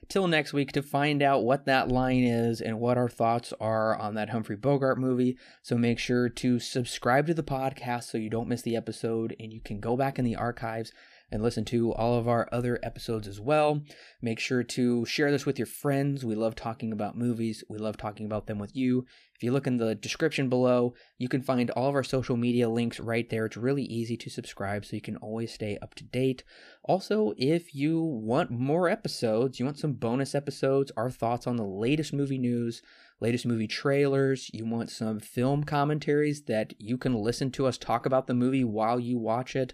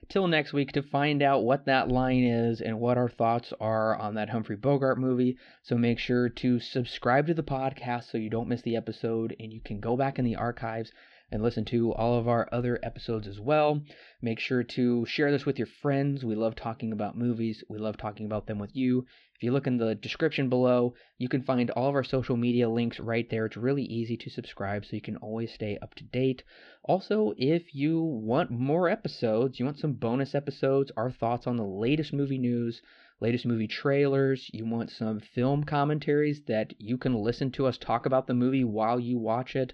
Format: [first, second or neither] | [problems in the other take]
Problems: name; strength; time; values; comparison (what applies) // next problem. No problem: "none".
first | muffled; very slightly; fading above 4 kHz